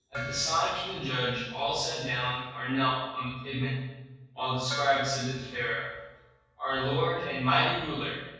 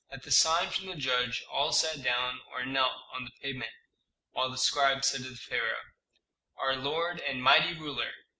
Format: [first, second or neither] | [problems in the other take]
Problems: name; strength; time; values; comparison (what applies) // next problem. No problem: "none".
second | background sound (Gong); 16 dB below the speech // room echo; dies away in 1.3 s